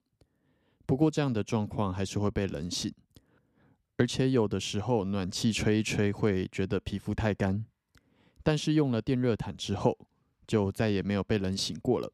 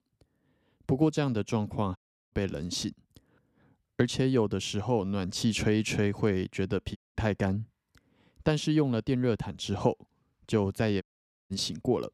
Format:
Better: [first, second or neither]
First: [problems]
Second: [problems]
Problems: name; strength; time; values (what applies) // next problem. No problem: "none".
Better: first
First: none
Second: audio cutting out; at 2 s, at 7 s and at 11 s